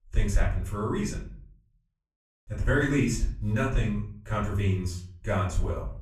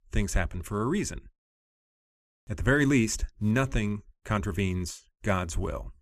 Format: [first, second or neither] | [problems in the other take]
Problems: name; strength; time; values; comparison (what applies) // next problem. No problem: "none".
second | room echo; slight; dies away in 0.5 s // off-mic speech; far